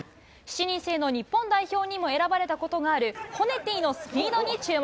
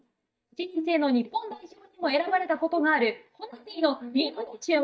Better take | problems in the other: first | noise reduction (neural mask model DeepFilterNet 3)

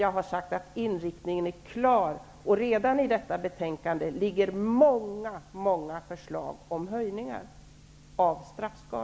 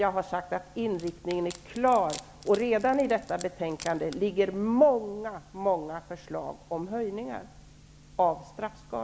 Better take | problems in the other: first | background sound (Wood); 19 dB below the speech

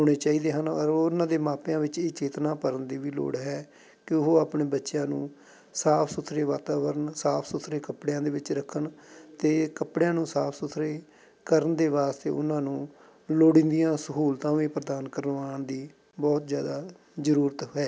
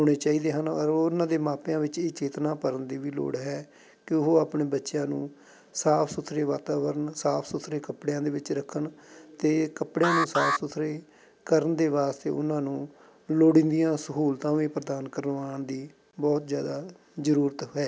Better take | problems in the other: first | background sound (Alarm); 3 dB below the speech

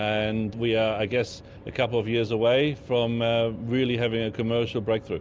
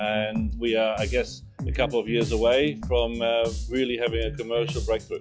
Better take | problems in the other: first | noise reduction (classical method log-MMSE)

